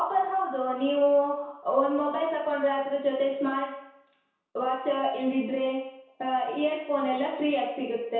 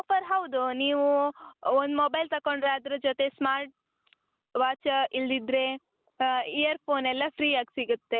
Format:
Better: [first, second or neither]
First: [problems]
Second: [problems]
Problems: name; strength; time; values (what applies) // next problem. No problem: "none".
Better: second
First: room echo; dies away in 0.7 s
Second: none